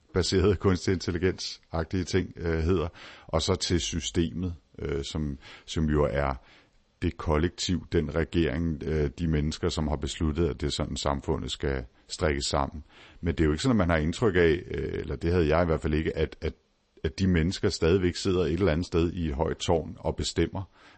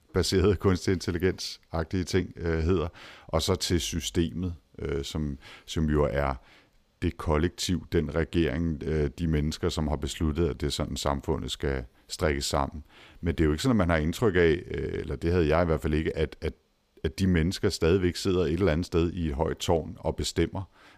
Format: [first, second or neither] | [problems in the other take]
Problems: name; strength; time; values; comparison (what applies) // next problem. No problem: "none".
second | garbled, watery; slightly; nothing above 8 kHz